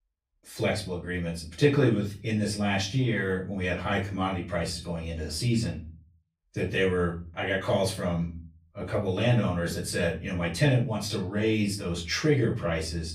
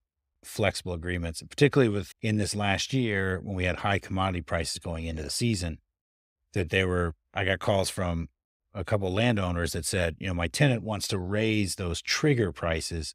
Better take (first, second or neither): second